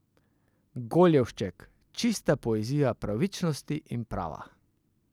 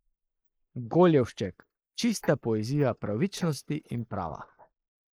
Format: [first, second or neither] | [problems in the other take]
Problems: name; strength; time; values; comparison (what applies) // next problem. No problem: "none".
first | noise reduction (neural mask model Resemble Enhance denoiser)